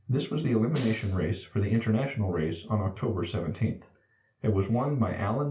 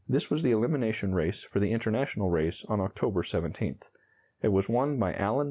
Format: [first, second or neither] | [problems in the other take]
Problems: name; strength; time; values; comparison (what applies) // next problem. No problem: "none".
second | background sound (Snare drum); 16 dB below the speech // room echo; dies away in 0.3 s